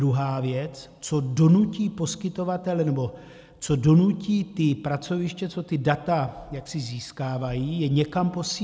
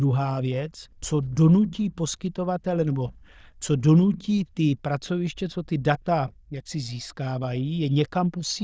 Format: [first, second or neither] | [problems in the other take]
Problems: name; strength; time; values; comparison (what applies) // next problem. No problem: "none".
first | noise reduction (neural diffusion model UNIVERSE++)